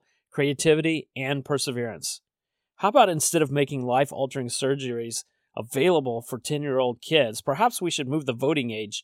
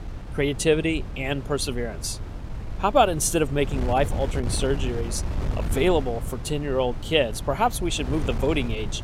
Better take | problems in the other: first | wind noise on the microphone; occasional gusts; 15 dB below the speech

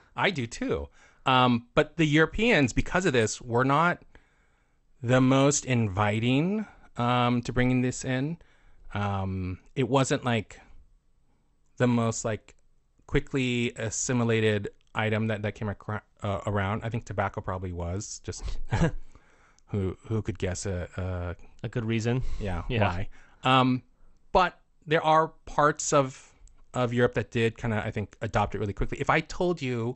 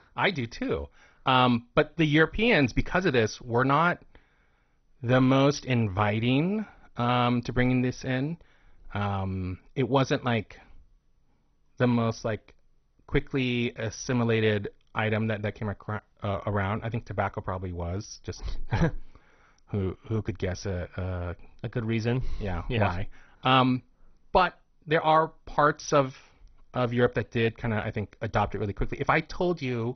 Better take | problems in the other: first | garbled, watery; badly; nothing above 6 kHz; slightly in the first

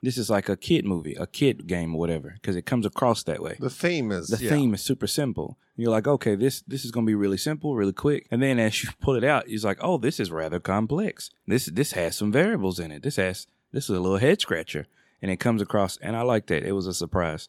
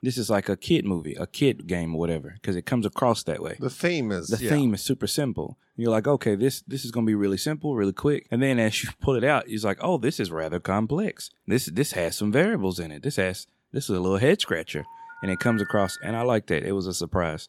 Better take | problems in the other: first | phone ringing; noticeable; from 15 to 16 s; peak 8 dB below the speech

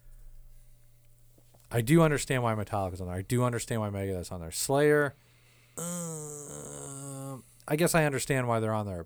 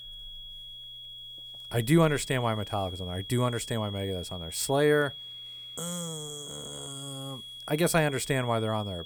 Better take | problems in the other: first | high-pitched whine; noticeable; throughout; 3.5 kHz, 10 dB below the speech

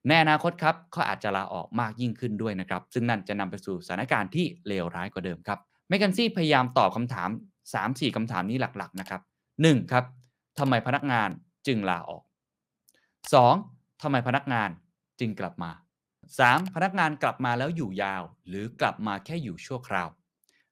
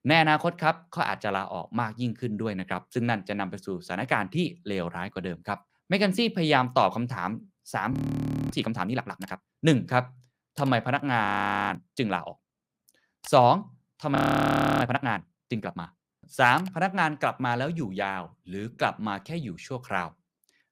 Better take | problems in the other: first | audio freezing; at 8 s for 0.5 s, at 11 s and at 14 s for 0.5 s

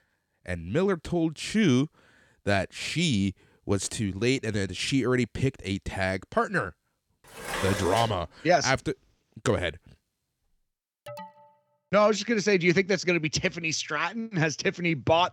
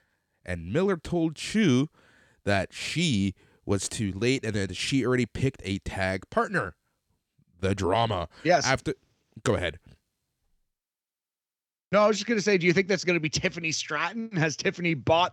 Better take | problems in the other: second | clattering dishes; noticeable; at 7.5 s; peak 4 dB below the speech // alarm; faint; at 11 s; peak 15 dB below the speech

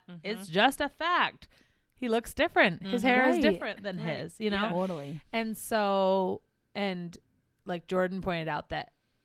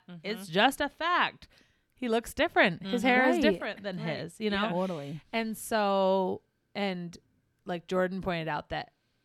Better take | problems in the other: second | garbled, watery; slightly; nothing above 15.5 kHz

